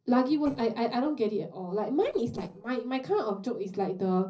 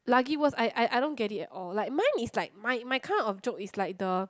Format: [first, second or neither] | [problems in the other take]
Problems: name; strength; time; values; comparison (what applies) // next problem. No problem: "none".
second | noise reduction (neural separator model SepFormer DNS4)